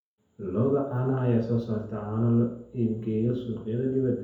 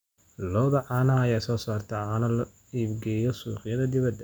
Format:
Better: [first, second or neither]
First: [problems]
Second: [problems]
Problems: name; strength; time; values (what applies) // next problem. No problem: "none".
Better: second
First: room echo; dies away in 2.1 s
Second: none